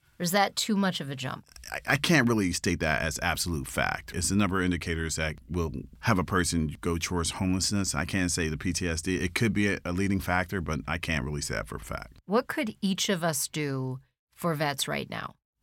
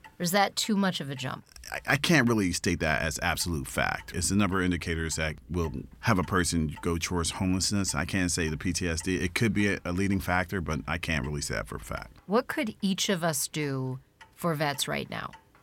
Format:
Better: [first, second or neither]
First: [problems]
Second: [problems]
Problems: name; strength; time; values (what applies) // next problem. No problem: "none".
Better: first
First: none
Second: household noises; faint; throughout; 30 dB below the speech